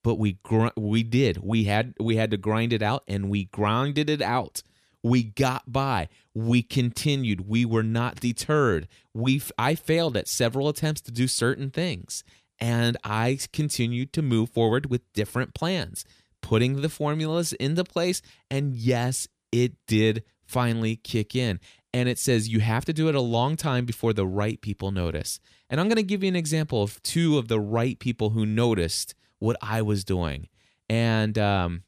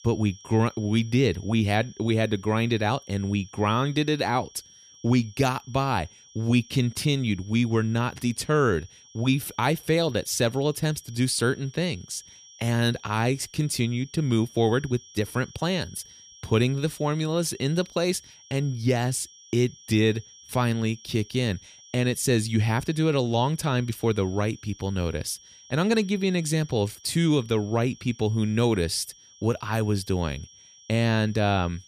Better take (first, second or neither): first